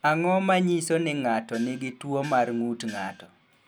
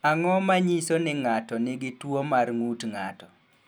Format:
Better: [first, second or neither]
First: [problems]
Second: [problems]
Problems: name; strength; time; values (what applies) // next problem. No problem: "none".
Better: second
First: background sound (Gong); 20 dB below the speech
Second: none